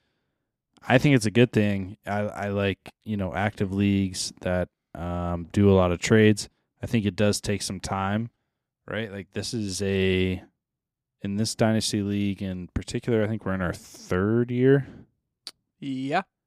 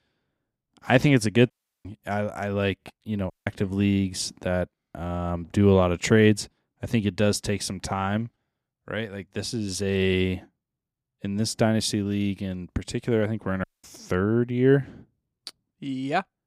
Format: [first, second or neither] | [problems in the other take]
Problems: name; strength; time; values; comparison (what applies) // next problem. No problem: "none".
first | audio cutting out; at 1.5 s, at 3.5 s and at 14 s